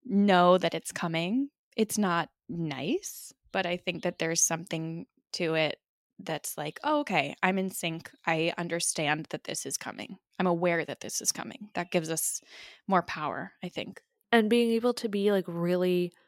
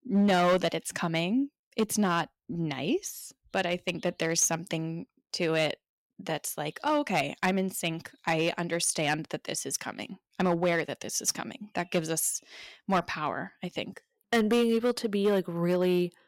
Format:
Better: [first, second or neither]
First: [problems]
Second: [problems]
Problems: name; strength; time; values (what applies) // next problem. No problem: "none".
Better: first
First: none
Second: distortion; slight; 3% of the sound clipped